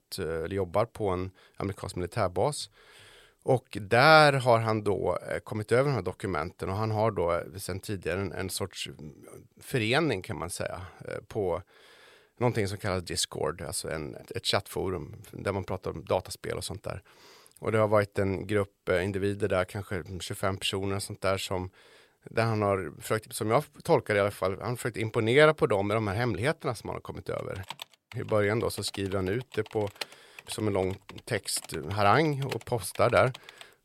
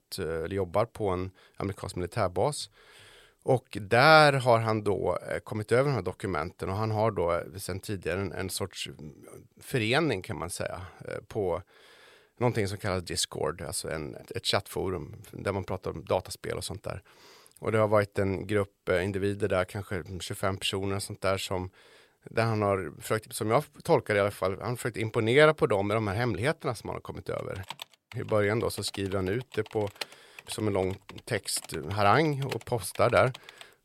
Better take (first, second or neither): neither